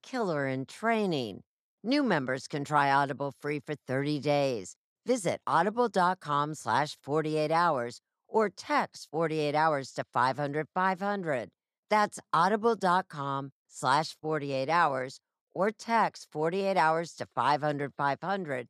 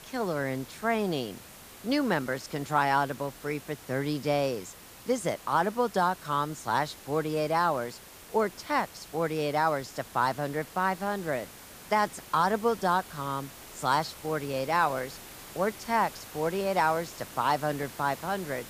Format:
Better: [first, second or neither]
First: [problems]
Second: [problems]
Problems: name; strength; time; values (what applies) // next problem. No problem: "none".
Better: first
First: none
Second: hiss; noticeable; throughout; 15 dB below the speech